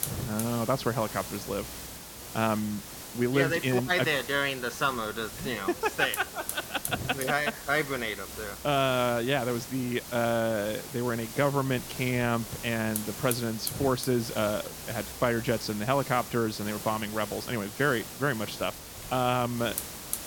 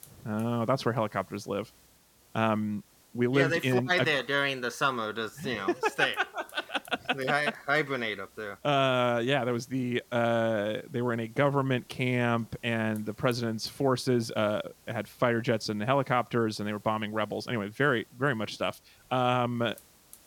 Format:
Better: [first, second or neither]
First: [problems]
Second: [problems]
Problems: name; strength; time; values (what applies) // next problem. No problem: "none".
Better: second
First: hiss; loud; throughout; 9 dB below the speech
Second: hiss; faint; throughout; 30 dB below the speech